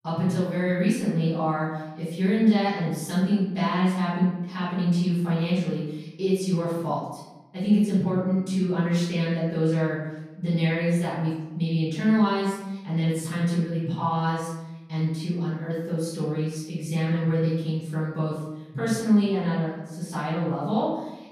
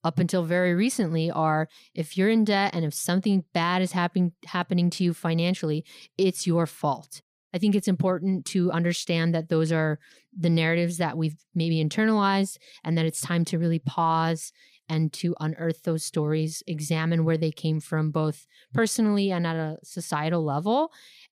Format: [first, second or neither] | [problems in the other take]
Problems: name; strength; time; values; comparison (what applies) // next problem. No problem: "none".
second | room echo; noticeable; dies away in 0.9 s // off-mic speech; far